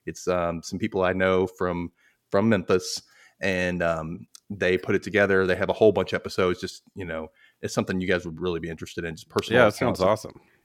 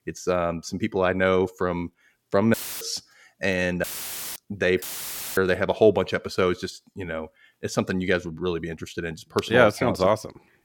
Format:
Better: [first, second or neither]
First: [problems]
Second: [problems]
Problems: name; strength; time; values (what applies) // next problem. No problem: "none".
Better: first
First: none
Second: audio cutting out; filled with static; at 2.5 s, at 4 s for 0.5 s and at 5 s for 0.5 s